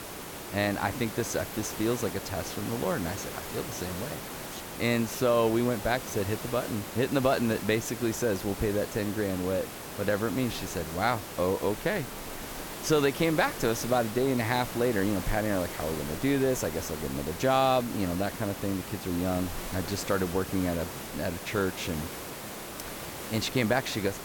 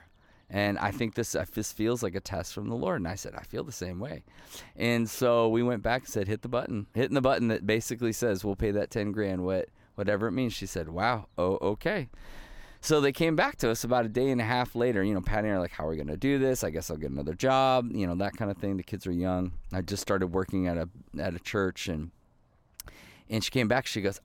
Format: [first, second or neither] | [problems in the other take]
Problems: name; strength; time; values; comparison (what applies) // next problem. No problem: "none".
second | hiss; loud; throughout; 8 dB below the speech